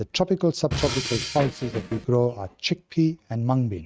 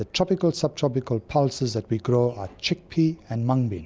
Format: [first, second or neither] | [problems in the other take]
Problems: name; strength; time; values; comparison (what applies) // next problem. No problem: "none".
second | noise reduction (neural mask model RNNoise)